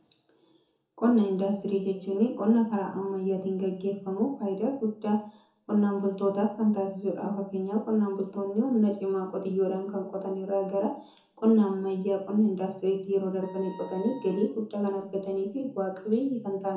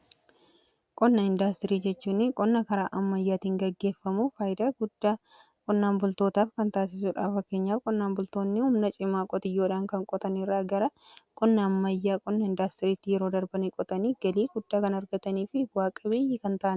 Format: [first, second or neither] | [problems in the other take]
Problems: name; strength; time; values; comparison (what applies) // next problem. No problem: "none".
second | background sound (Wind instrument, woodwind instrument); 19 dB below the speech // room echo; dies away in 0.6 s